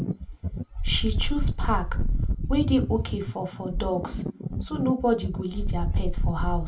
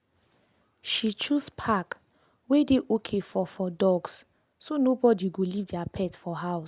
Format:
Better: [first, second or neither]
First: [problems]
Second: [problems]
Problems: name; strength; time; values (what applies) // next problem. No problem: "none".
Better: second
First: background sound (Wind); 2 dB above the speech // room echo; dies away in 0.2 s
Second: none